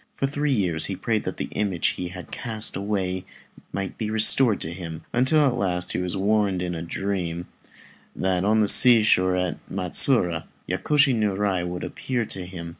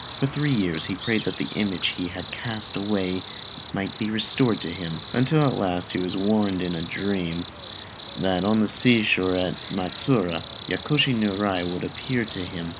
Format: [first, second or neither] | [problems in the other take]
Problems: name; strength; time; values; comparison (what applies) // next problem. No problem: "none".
first | background sound (Cricket); 13 dB below the speech